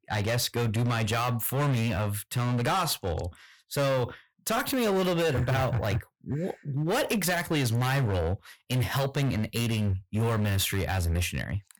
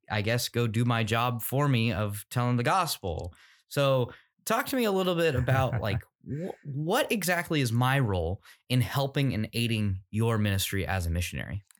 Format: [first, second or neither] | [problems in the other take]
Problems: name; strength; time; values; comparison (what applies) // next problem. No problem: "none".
second | distortion; heavy; 19% of the sound clipped